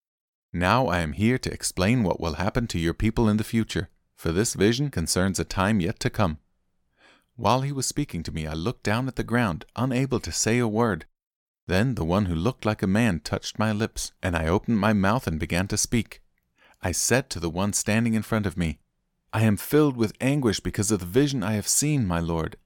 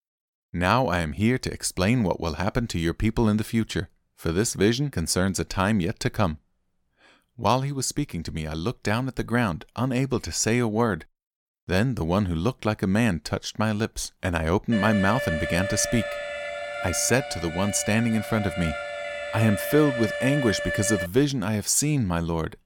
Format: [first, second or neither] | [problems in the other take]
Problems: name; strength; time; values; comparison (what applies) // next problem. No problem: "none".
first | alarm; noticeable; from 15 to 21 s; peak 3 dB below the speech